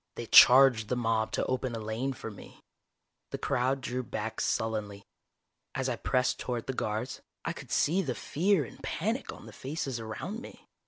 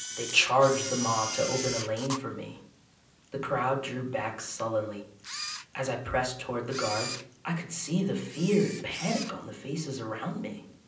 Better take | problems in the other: first | background sound (Camera); 10 dB below the speech // room echo; dies away in 0.6 s

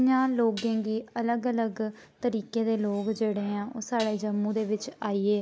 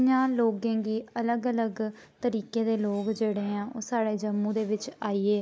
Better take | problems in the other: second | background sound (Dishes, pots, and pans); 18 dB below the speech

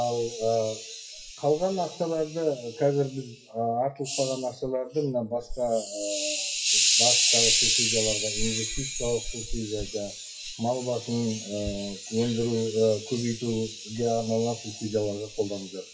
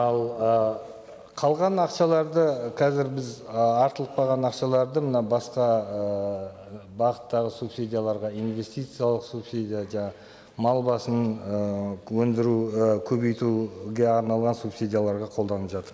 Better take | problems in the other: second | noise reduction (classical method WPE with log-MMSE)

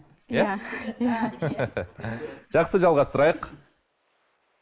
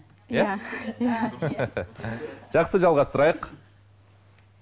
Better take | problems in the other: second | noise reduction (neural mask model Resemble Enhance denoiser)

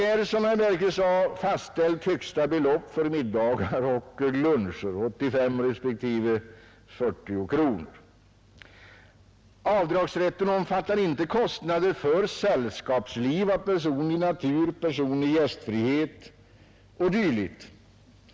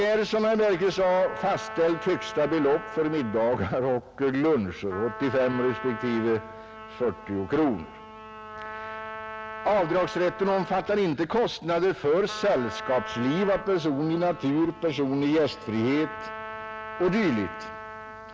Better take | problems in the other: first | background sound (Trumpet); 13 dB below the speech

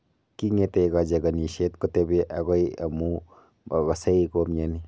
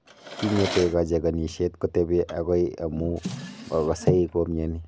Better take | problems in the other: first | background sound (Drawer open or close); 10 dB below the speech

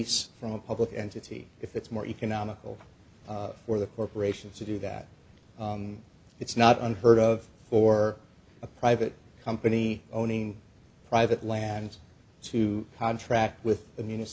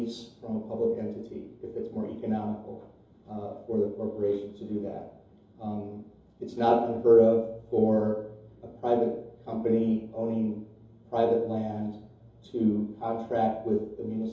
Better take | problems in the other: first | room echo; dies away in 2.8 s

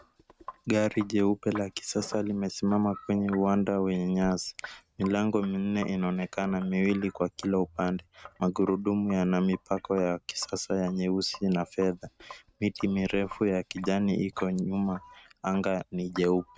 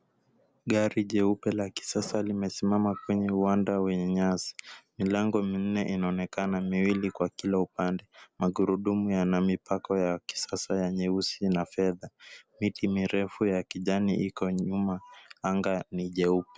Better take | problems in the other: second | noise reduction (neural mask model RNNoise)

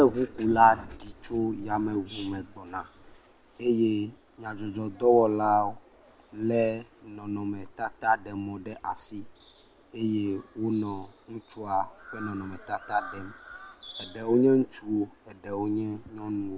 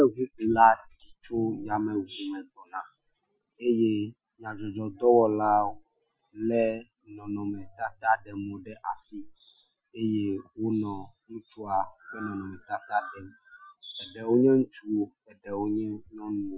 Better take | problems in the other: first | noise reduction (classical method Wiener filter)

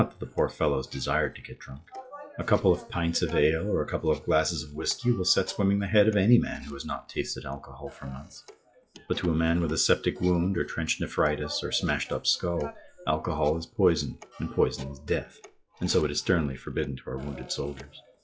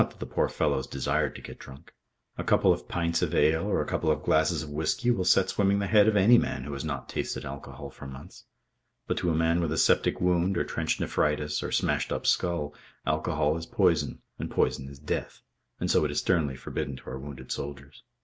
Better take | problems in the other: second | noise reduction (classical method log-MMSE)

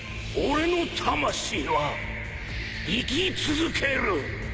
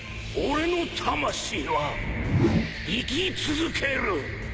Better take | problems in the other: first | background sound (Whoosh, swoosh, swish); 2 dB below the speech

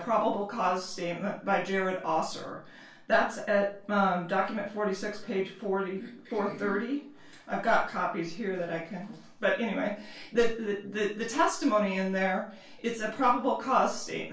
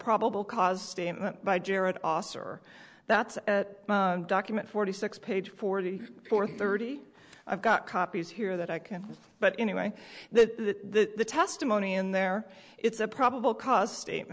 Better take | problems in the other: second | room echo; dies away in 0.3 s

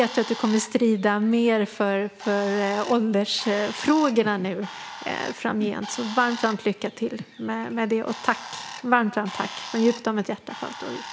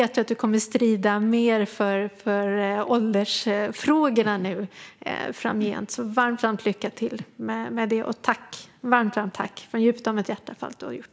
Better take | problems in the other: second | background sound (Bird); 15 dB below the speech

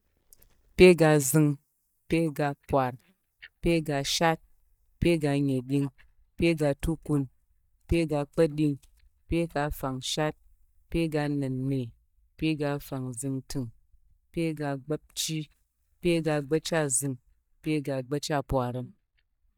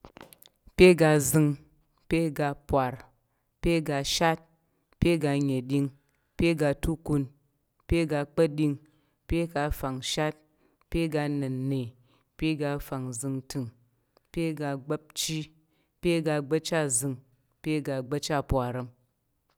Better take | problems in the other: second | noise reduction (neural mask model DeepFilterNet 3)

